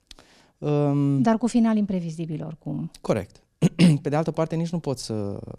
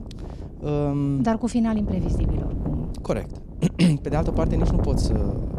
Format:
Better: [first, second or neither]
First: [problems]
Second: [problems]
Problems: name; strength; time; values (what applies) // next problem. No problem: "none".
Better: first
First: none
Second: wind noise on the microphone; heavy; 7 dB below the speech